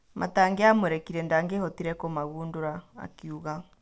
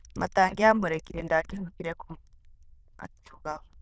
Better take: first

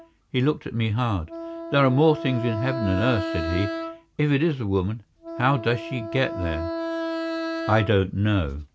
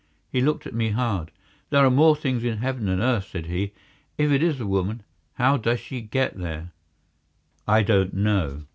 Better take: second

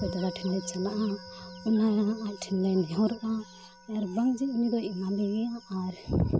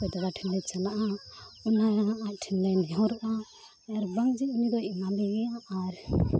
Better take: second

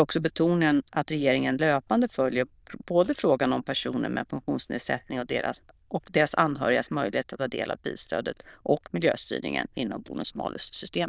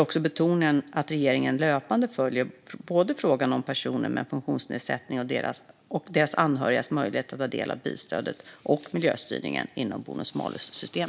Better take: second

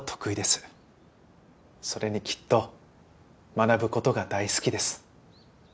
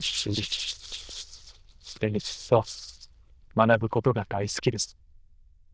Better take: first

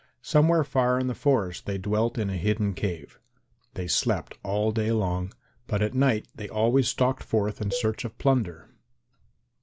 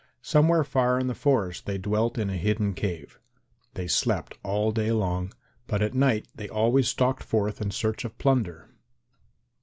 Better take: second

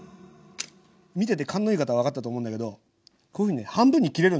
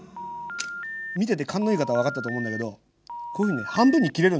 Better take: first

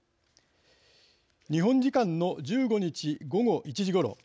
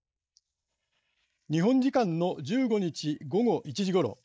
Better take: first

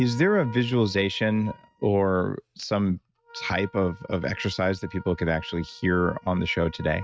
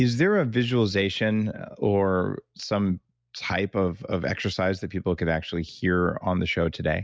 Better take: second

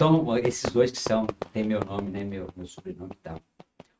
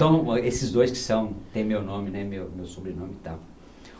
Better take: second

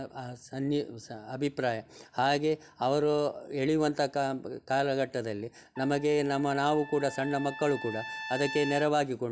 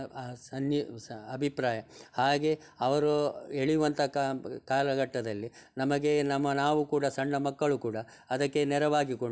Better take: second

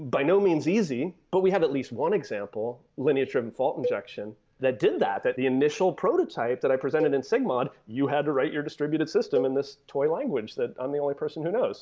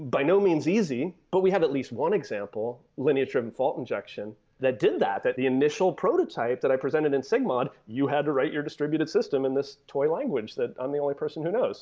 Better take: second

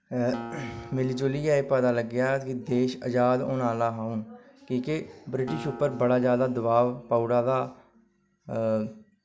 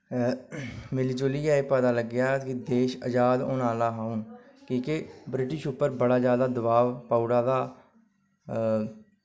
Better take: second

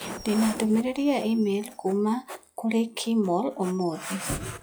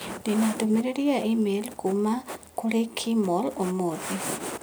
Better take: second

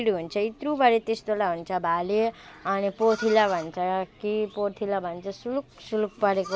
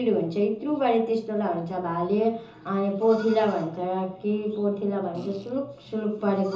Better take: first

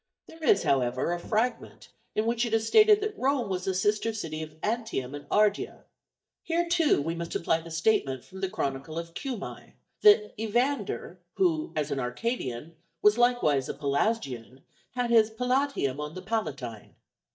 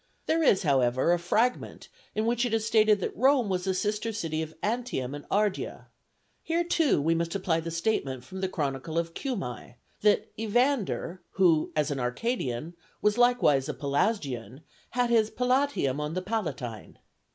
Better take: second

